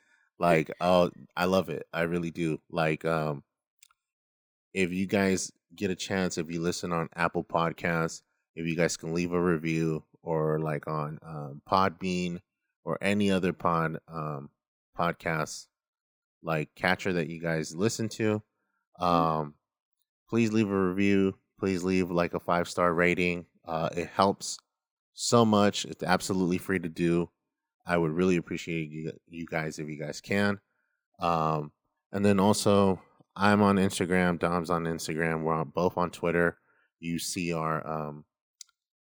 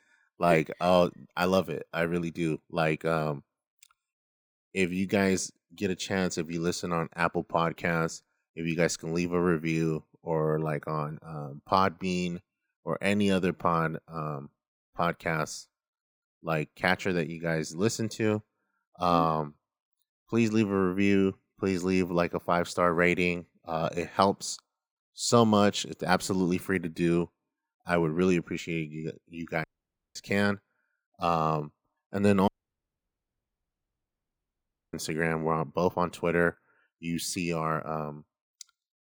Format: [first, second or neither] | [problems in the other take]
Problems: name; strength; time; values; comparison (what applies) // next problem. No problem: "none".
first | audio cutting out; at 30 s for 0.5 s and at 32 s for 2.5 s